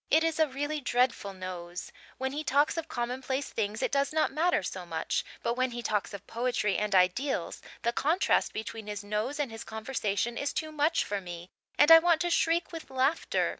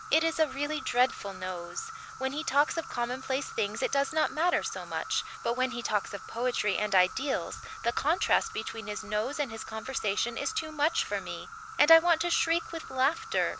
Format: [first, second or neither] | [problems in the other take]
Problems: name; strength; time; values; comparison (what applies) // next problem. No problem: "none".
first | background sound (Insect); 13 dB below the speech